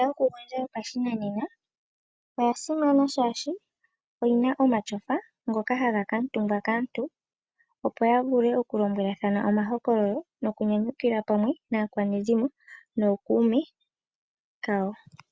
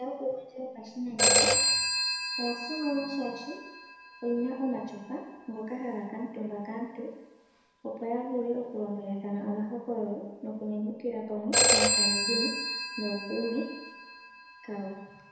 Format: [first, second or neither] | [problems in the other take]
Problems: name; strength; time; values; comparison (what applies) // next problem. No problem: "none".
first | background sound (Telephone); 3 dB above the speech // room echo; dies away in 1 s